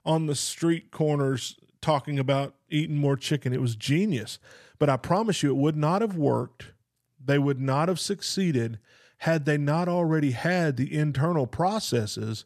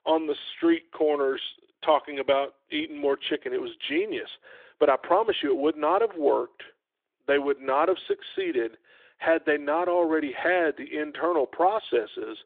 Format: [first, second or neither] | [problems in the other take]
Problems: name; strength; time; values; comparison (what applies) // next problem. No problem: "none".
first | phone-call audio; nothing above 3.5 kHz